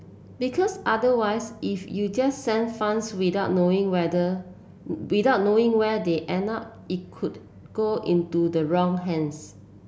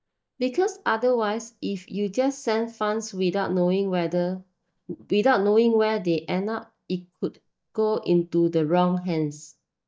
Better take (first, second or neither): first